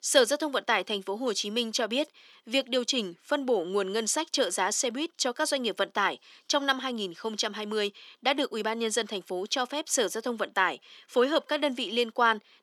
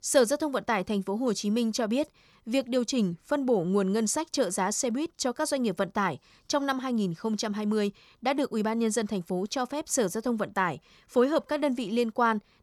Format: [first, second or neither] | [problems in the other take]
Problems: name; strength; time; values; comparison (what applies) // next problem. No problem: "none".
second | thin; very slightly; fading below 250 Hz